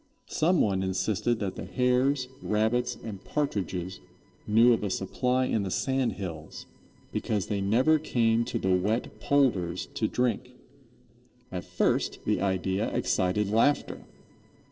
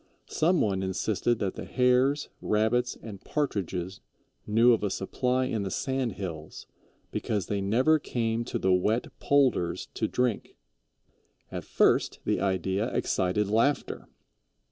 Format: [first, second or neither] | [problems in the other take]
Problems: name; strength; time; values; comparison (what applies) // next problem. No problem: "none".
second | noise reduction (neural separator model SepFormer DNS4)